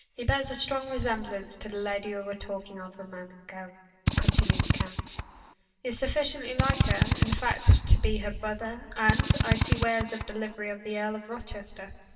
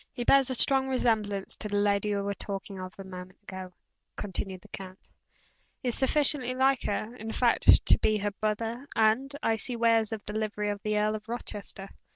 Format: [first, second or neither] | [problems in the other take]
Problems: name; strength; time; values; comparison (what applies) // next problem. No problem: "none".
second | background sound (Drill); 3 dB above the speech // room echo; dies away in 1.8 s